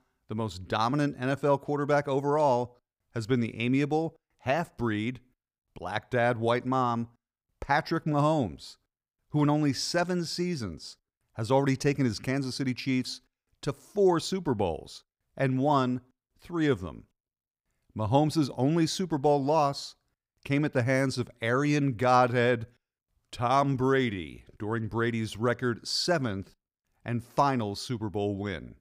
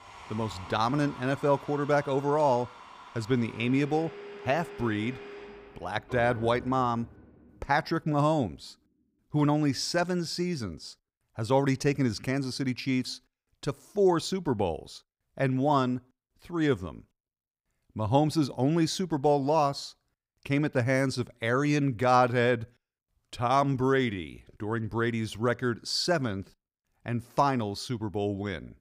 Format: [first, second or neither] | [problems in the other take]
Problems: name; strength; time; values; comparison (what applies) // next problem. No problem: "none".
first | household noises; noticeable; until 6.5 s; 15 dB below the speech